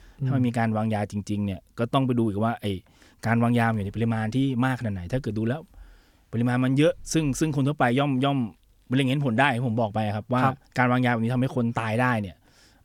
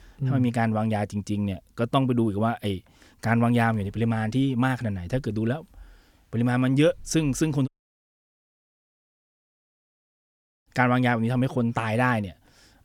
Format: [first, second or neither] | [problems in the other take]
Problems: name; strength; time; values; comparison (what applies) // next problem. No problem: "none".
first | audio cutting out; at 7.5 s for 3 s